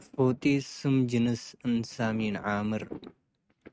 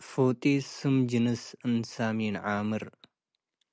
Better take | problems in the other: second | noise reduction (neural mask model RNNoise)

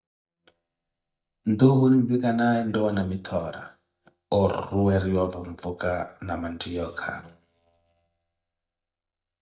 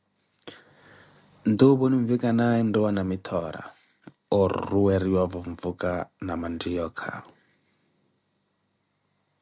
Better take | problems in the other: second | noise reduction (neural mask model DeepFilterNet 3)

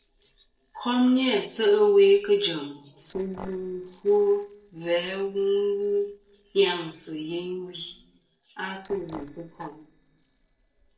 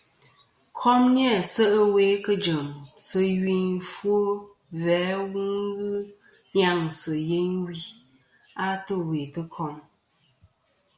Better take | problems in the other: second | noise reduction (neural separator model SepFormer DNS4)

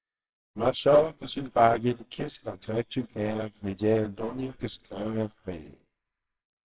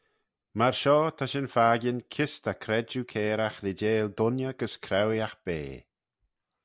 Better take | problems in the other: second | noise reduction (neural separator model SepFormer WHAMR!)

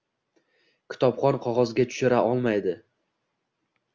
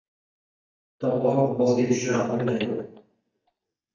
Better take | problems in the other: first | noise reduction (neural mask model DeepFilterNet 3)

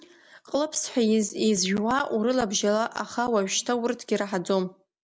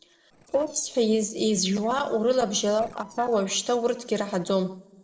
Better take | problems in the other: first | noise reduction (neural separator model SepFormer DNS4)

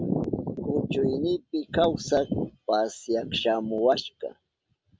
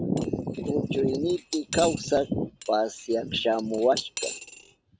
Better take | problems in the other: first | background sound (Cutlery, silverware / Dishes, pots, and pans); 14 dB below the speech

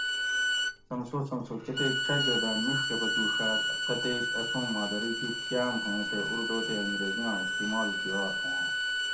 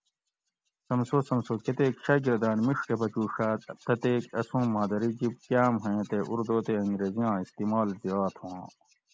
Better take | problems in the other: second | background sound (Bowed string instrument); 3 dB above the speech // room echo; dies away in 0.4 s

